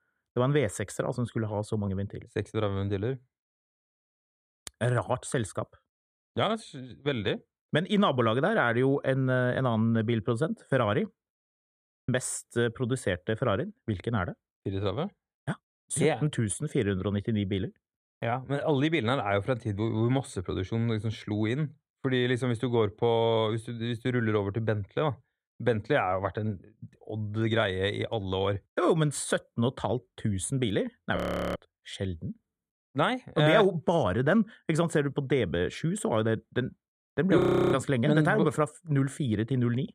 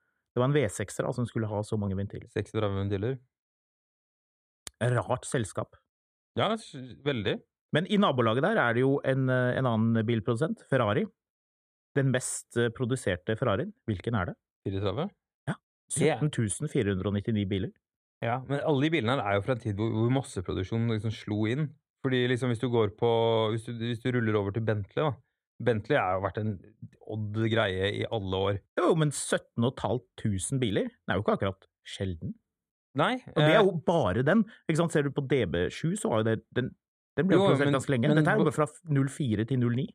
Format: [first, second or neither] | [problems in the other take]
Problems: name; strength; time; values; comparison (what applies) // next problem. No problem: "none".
second | audio freezing; at 12 s, at 31 s and at 37 s